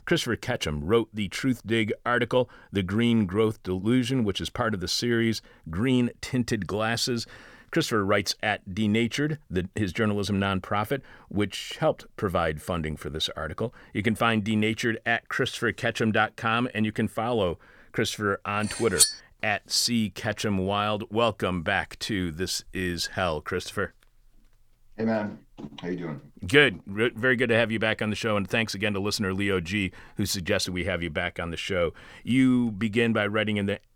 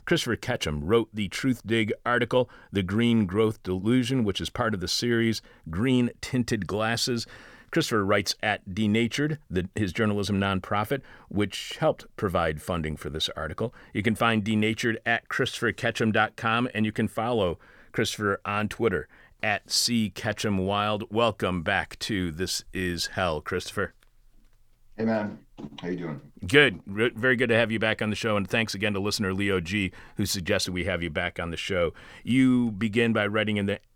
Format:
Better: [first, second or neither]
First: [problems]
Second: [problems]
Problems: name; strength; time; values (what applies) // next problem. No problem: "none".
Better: second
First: clattering dishes; loud; at 19 s; peak 6 dB above the speech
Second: none